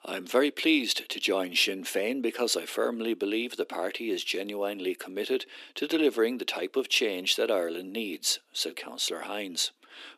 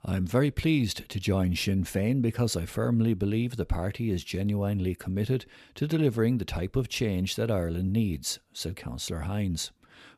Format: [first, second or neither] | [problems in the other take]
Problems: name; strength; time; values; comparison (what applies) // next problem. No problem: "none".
second | thin; somewhat; fading below 300 Hz